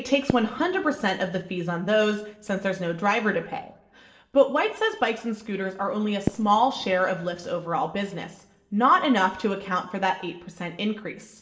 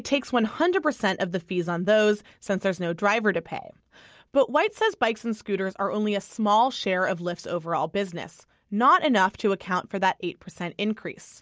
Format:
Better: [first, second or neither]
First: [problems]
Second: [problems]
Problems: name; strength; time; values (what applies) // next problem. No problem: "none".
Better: second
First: noise reduction (neural separator model SepFormer DNS4)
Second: none